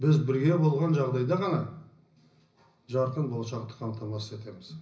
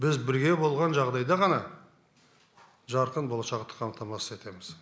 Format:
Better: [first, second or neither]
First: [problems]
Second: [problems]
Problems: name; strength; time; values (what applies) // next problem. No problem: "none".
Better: second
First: room echo; dies away in 0.4 s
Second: none